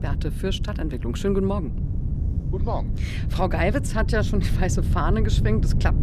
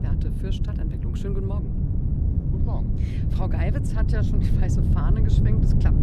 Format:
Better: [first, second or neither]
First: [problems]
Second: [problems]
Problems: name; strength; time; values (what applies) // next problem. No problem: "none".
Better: first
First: wind noise on the microphone; occasional gusts; 10 dB below the speech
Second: wind noise on the microphone; heavy; 2 dB above the speech